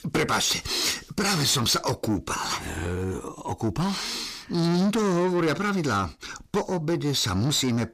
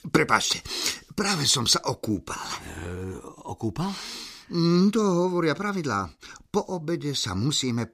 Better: second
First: distortion; heavy; 7 dB below the speech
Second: none

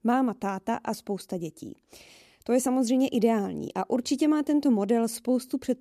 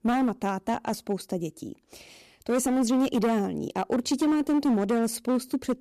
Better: first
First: none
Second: distortion; slight; 11% of the sound clipped

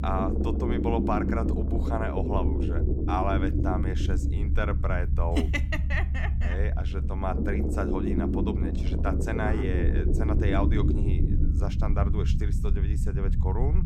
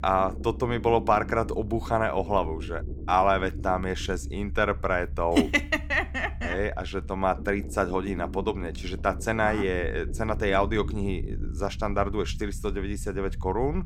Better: second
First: low rumble; loud; throughout; 3 dB below the speech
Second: low rumble; faint; throughout; 20 dB below the speech

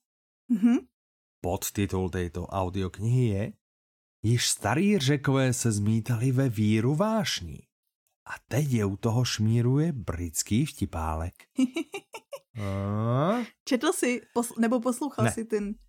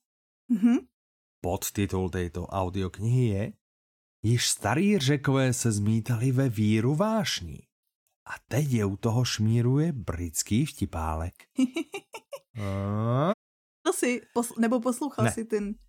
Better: first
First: none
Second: audio cutting out; at 13 s for 0.5 s

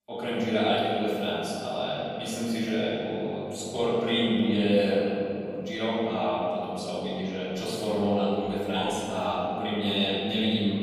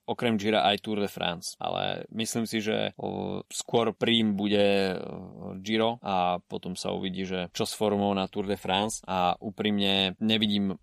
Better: second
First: off-mic speech; far // room echo; strong; dies away in 2.5 s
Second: none

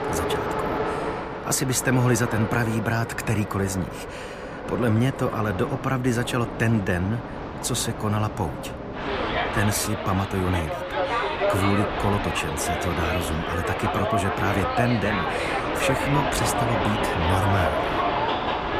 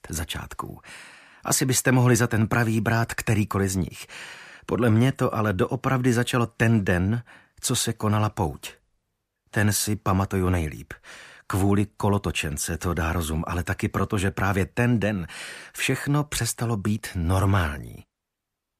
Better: second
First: train or aircraft noise; loud; throughout; 2 dB below the speech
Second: none

